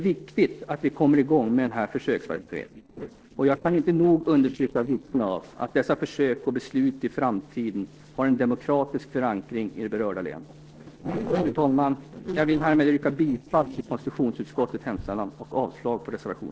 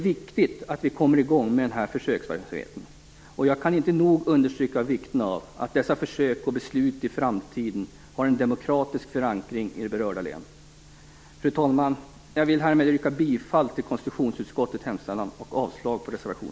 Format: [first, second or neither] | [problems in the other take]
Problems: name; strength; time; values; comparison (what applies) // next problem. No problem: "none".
second | noise reduction (neural separator model SepFormer DNS4)